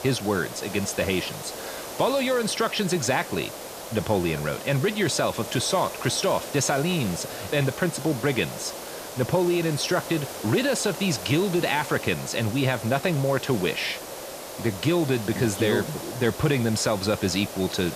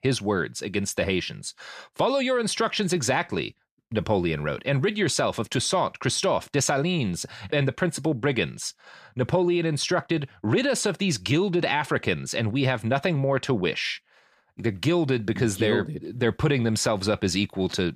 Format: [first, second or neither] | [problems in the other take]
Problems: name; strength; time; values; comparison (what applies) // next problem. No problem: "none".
second | hiss; noticeable; throughout; 10 dB below the speech